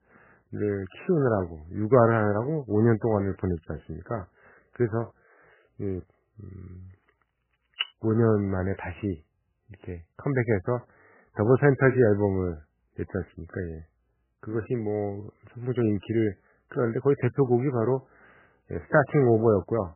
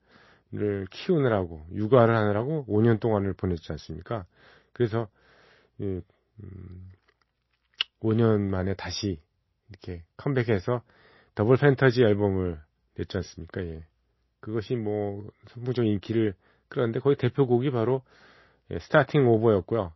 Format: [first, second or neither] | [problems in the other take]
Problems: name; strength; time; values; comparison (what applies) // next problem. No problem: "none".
second | garbled, watery; badly; nothing above 3 kHz; slightly in the second